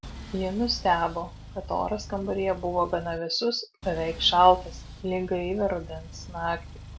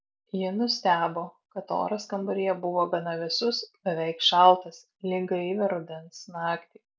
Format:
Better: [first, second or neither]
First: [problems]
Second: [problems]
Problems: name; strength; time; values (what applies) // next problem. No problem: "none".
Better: second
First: background sound (Engine); 13 dB below the speech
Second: none